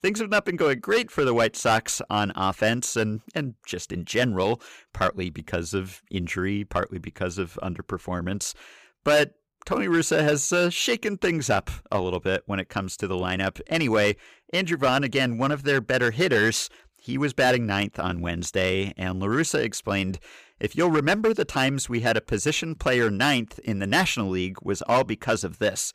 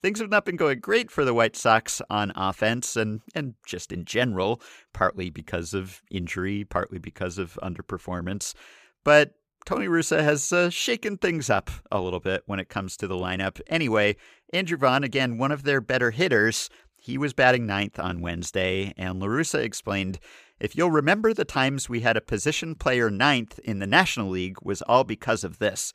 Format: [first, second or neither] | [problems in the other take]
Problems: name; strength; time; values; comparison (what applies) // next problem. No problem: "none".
second | distortion; slight; 3% of the sound clipped